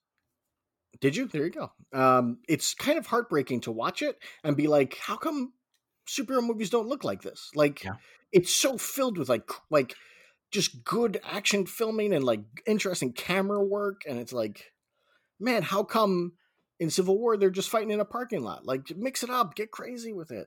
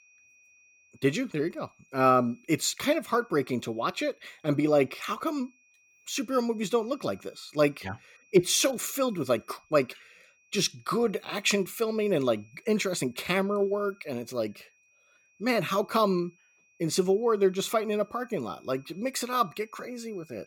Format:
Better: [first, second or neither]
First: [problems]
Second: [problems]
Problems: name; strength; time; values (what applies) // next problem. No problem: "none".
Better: first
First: none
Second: high-pitched whine; faint; throughout; 2.5 kHz, 30 dB below the speech